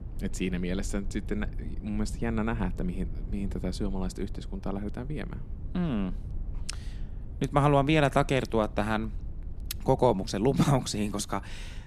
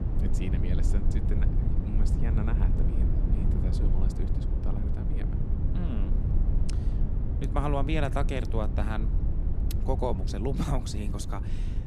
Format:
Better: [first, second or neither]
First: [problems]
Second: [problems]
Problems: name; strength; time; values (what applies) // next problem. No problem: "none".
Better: first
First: low rumble; faint; throughout; 25 dB below the speech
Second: low rumble; loud; throughout; 6 dB below the speech